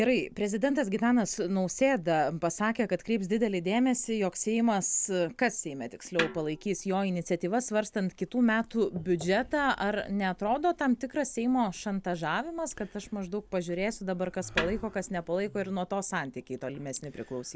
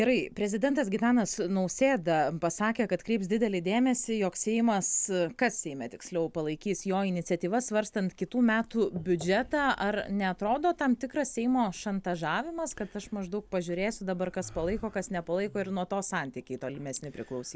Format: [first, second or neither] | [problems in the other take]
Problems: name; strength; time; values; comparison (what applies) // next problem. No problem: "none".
second | background sound (Snare drum); 10 dB below the speech